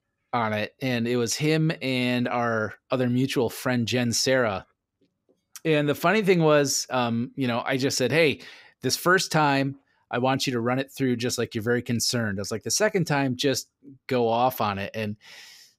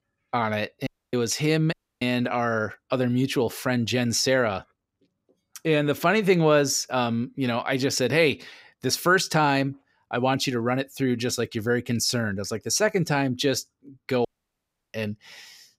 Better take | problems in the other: first | audio cutting out; at 1 s, at 1.5 s and at 14 s for 0.5 s

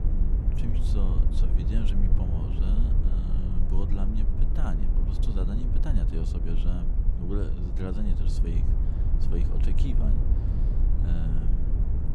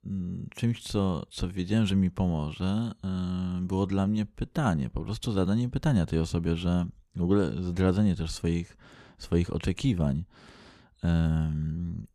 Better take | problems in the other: second | low rumble; loud; throughout; 1 dB below the speech

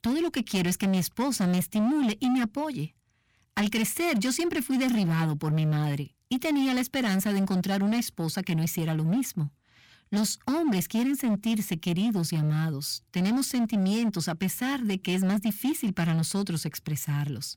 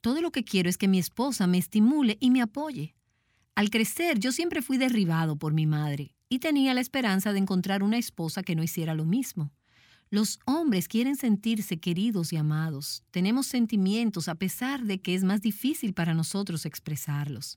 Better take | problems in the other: second | distortion; slight; 18% of the sound clipped

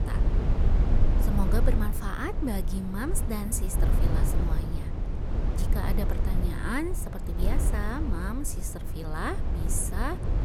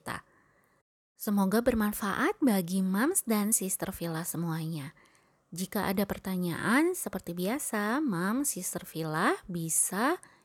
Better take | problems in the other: second | low rumble; loud; throughout; 5 dB below the speech

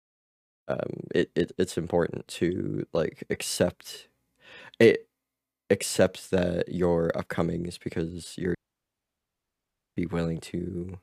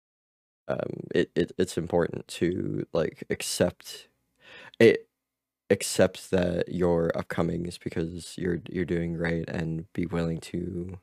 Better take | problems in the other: second | audio cutting out; at 8.5 s for 1.5 s

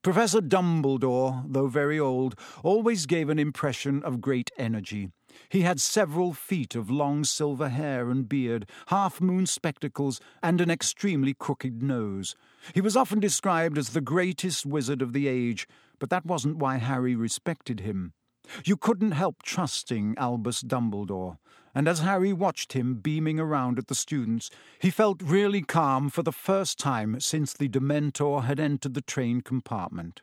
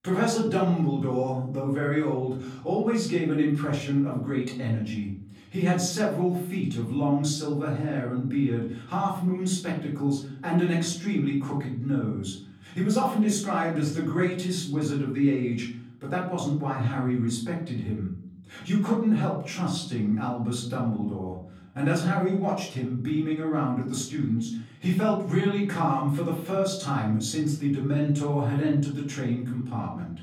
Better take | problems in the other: first | off-mic speech; far // room echo; noticeable; dies away in 0.8 s

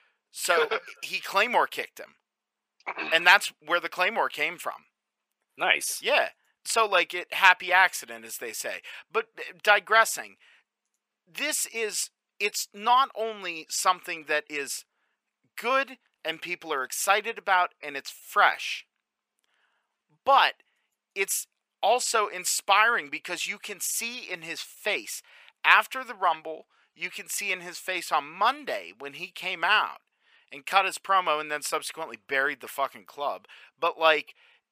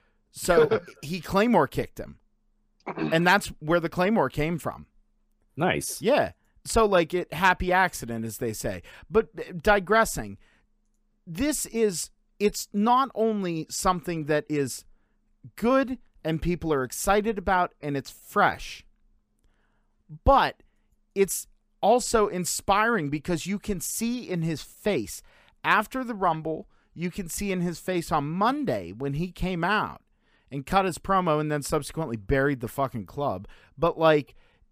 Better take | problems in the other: second | thin; very; fading below 750 Hz

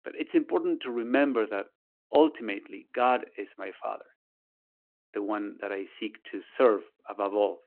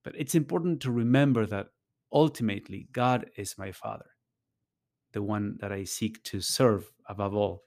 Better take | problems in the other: second | phone-call audio

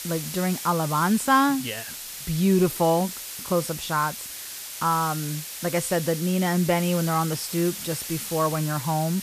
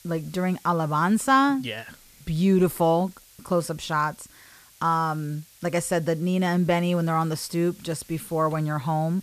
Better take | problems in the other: second | hiss; loud; throughout; 8 dB below the speech; faint in the second

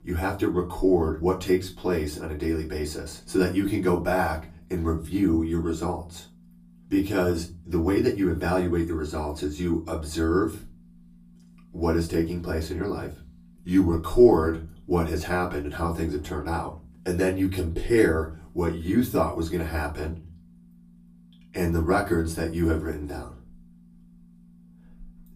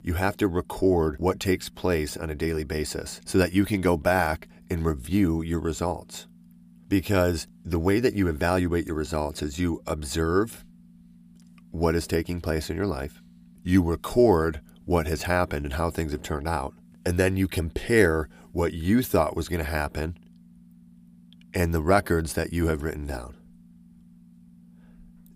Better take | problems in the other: second | off-mic speech; far // room echo; very slight; dies away in 0.3 s

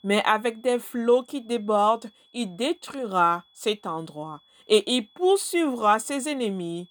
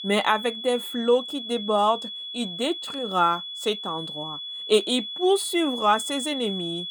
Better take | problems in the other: first | high-pitched whine; loud; throughout; 3.5 kHz, 7 dB below the speech; faint in the first

